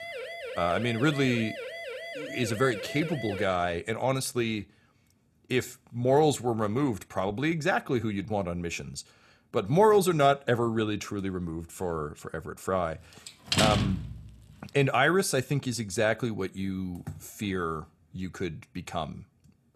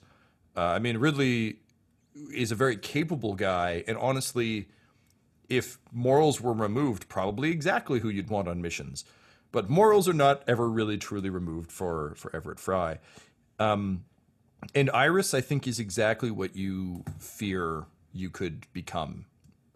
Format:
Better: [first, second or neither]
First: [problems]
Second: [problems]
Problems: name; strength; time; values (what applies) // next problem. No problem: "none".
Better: second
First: siren; noticeable; until 3.5 s; peak 9 dB below the speech // door banging; loud; at 13 s; peak 4 dB above the speech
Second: none